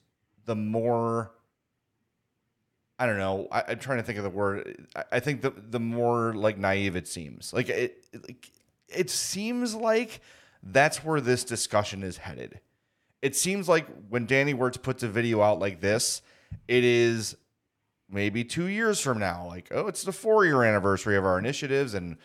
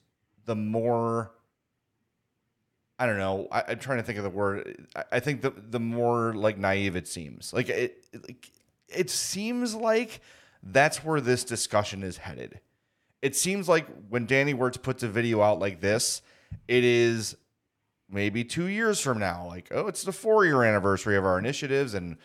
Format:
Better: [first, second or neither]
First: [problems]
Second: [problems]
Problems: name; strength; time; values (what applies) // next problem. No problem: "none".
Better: neither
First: none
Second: none